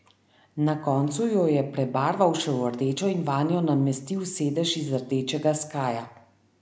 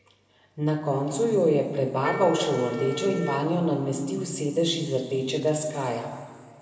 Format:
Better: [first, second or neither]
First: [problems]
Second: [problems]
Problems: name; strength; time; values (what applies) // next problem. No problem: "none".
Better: first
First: none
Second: background sound (Wind instrument, woodwind instrument); 9 dB below the speech // room echo; dies away in 1.9 s